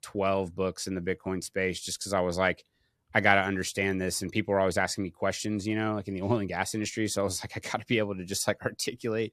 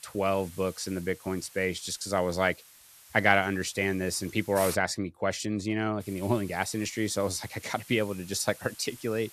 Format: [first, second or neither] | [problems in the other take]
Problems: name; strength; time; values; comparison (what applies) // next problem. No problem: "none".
first | hiss; noticeable; until 5 s and from 6 s on; 15 dB below the speech